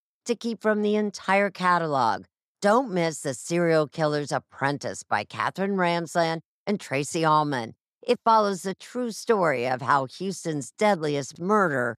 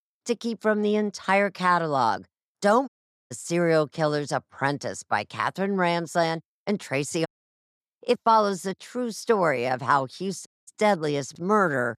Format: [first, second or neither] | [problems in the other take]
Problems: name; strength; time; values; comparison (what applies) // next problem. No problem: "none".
first | audio cutting out; at 3 s, at 7.5 s for 0.5 s and at 10 s